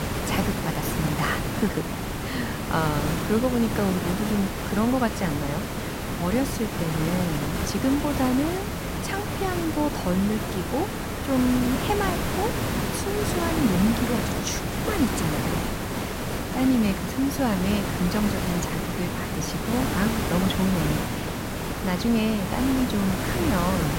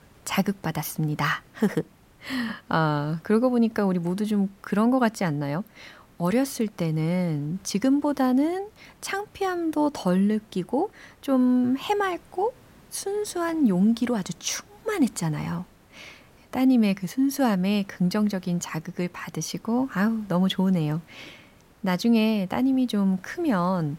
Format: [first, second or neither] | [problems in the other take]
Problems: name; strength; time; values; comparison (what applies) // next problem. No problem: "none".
second | hiss; loud; throughout; 1 dB below the speech; faint in the second